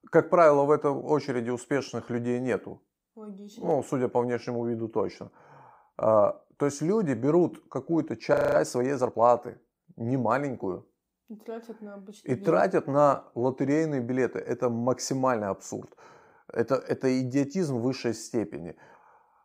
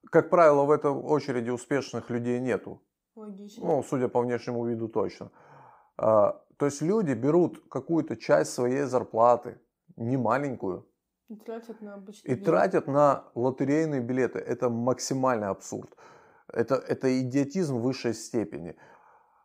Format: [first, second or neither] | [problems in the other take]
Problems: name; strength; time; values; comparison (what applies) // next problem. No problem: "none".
second | audio freezing; at 8.5 s